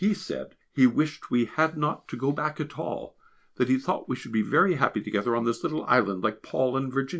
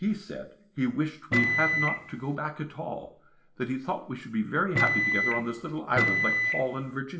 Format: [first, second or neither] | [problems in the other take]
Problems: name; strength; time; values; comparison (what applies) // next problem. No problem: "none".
first | background sound (Microwave oven); 4 dB above the speech // room echo; dies away in 0.7 s